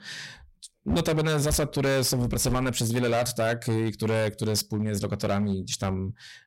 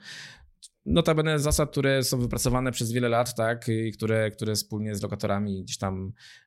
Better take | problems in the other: second | distortion; heavy; 14% of the sound clipped

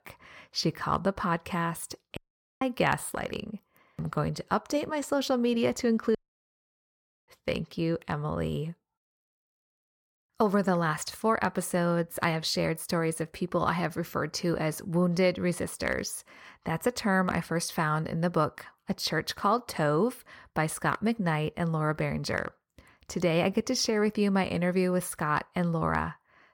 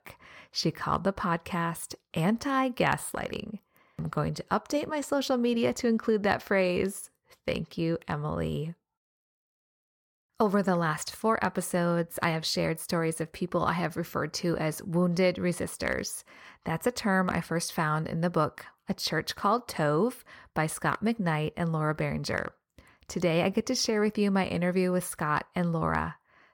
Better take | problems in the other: second | audio cutting out; at 2 s and at 6 s for 1 s

